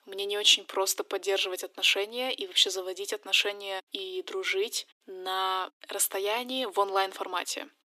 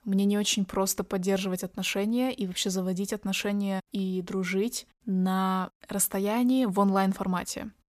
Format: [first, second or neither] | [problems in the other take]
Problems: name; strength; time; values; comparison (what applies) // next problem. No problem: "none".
second | thin; very; fading below 300 Hz